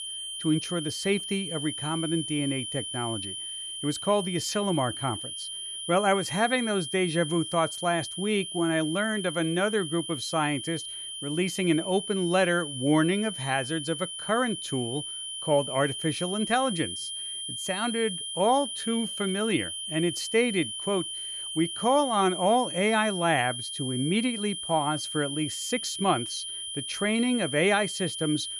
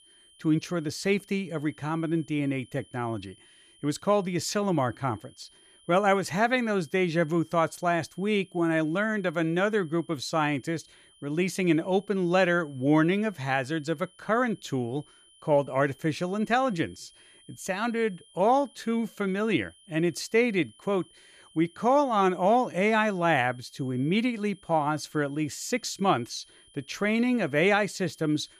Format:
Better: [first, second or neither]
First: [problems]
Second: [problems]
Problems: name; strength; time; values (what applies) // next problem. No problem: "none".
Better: second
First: high-pitched whine; loud; throughout; 3 kHz, 6 dB below the speech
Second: high-pitched whine; faint; throughout; 3 kHz, 30 dB below the speech